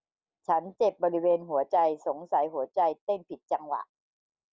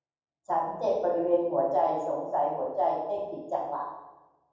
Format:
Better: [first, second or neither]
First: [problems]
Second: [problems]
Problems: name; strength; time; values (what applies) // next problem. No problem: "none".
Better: first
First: none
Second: room echo; dies away in 1.2 s